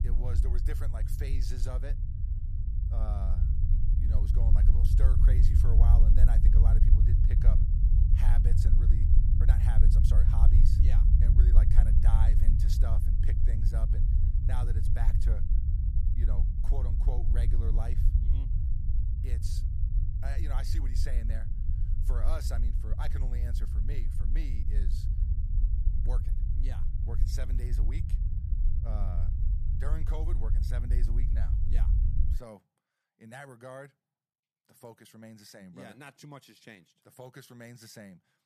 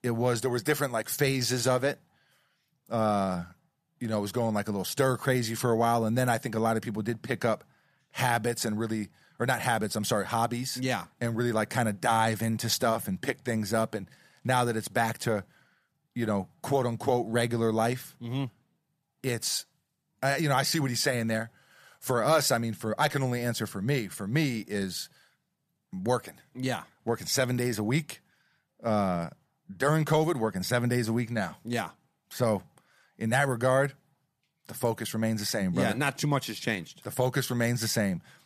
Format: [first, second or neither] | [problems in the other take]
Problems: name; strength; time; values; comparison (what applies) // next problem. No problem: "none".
second | low rumble; loud; until 32 s; as loud as the speech